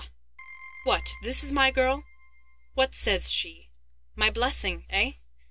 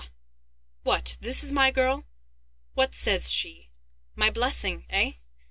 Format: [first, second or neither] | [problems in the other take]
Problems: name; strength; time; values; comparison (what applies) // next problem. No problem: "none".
second | background sound (Keyboard (musical)); 20 dB below the speech